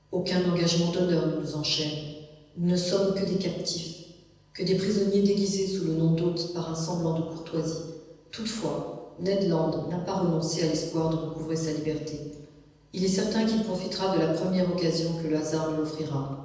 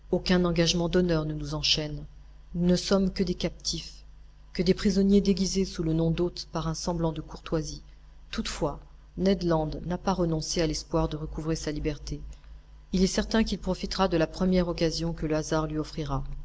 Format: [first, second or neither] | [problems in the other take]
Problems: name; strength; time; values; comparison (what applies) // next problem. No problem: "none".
second | room echo; dies away in 1.1 s